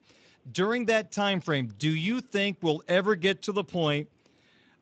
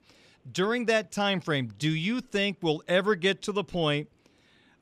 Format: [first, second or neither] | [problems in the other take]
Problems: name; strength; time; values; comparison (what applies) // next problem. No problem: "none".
second | garbled, watery; slightly; nothing above 7.5 kHz